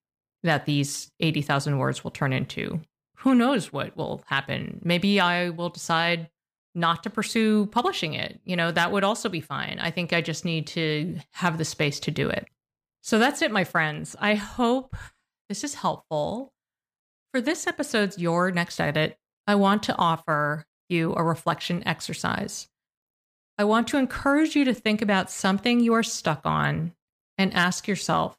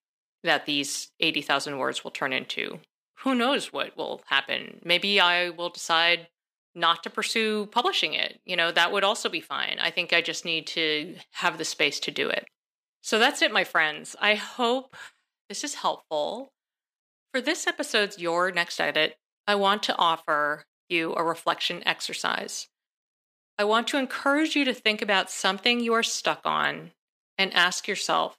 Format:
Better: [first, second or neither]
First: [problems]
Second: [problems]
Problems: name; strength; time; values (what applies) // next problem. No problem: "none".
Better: first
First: none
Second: thin; somewhat; fading below 300 Hz